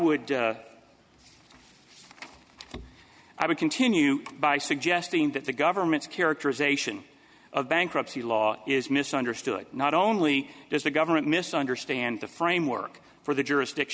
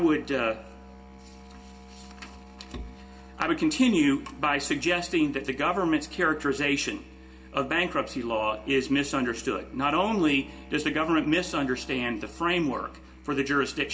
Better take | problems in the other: first | background sound (Musical instrument); 19 dB below the speech // room echo; dies away in 0.3 s

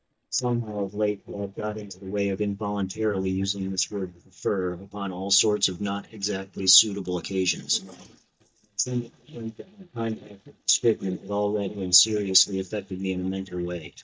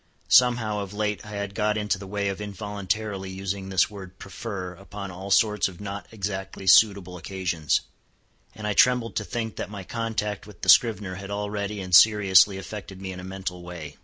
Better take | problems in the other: second | noise reduction (neural mask model DeepFilterNet 3)

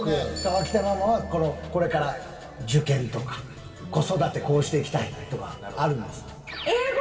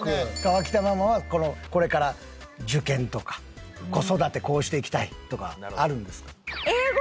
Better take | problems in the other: second | room echo; dies away in 2.4 s

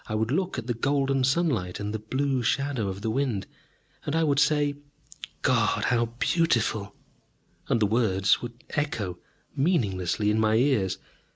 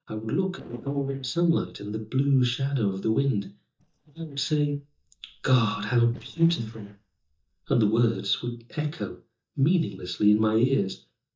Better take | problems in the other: first | noise reduction (neural mask model DeepFilterNet 3)

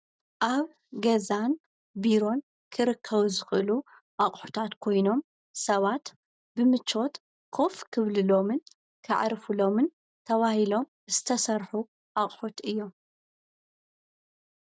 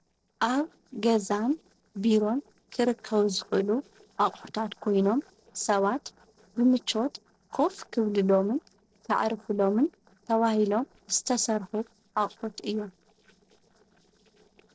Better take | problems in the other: first | noise reduction (neural separator model SepFormer DNS4)

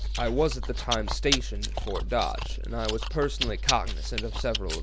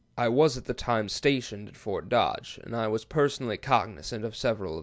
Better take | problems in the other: second | background sound (Chewing, mastication); 1 dB above the speech

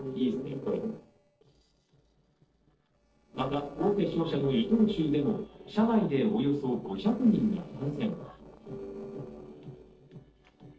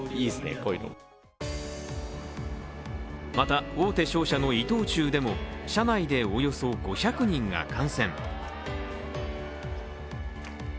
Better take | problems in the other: second | noise reduction (neural separator model SepFormer DNS4)

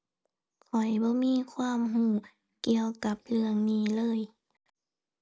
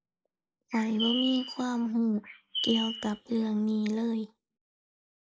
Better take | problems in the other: first | noise reduction (neural mask model Resemble Enhance denoiser)

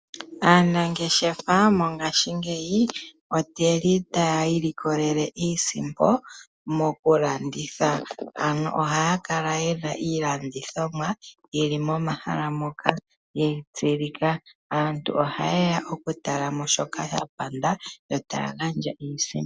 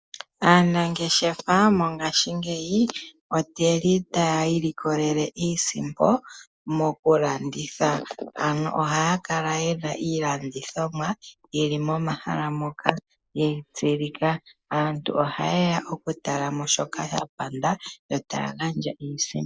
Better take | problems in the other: first | noise reduction (neural mask model Resemble Enhance denoiser)

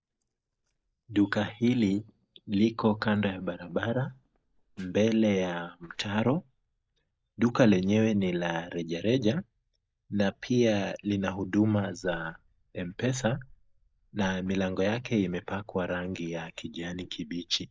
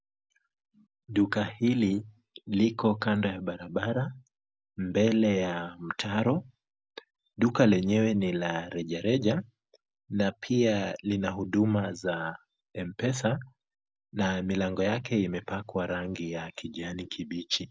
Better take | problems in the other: second | noise reduction (neural mask model DeepFilterNet 3)

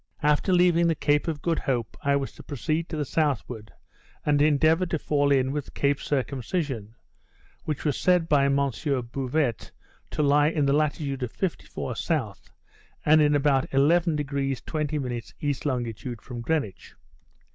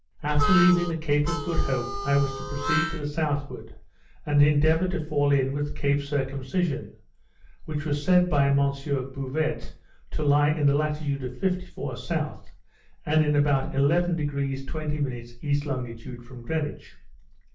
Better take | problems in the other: first | background sound (Harmonica); 5 dB below the speech // room echo; dies away in 0.4 s

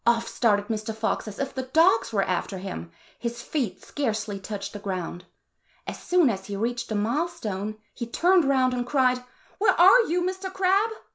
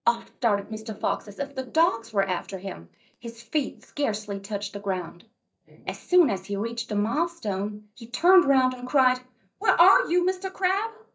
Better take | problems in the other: first | noise reduction (neural mask model DeepFilterNet 3)

